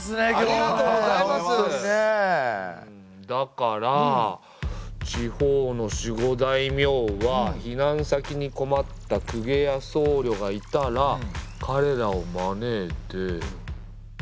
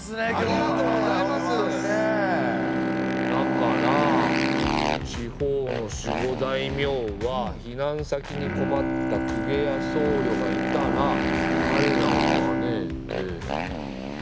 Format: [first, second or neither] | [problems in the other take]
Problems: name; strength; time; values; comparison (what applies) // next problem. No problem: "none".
first | background sound (Bowed string instrument + Motorcycle); 2 dB above the speech